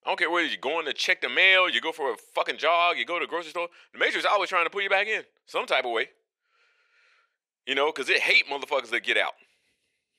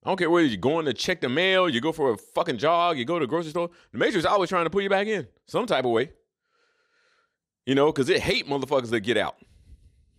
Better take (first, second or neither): second